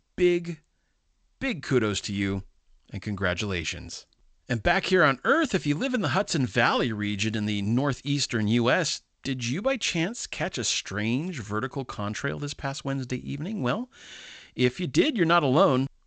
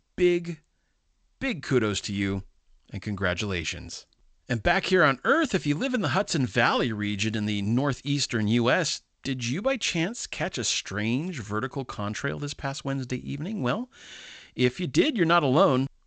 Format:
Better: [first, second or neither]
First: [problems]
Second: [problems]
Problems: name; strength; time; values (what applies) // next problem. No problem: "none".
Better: neither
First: garbled, watery; slightly; nothing above 8 kHz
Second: garbled, watery; slightly; nothing above 8 kHz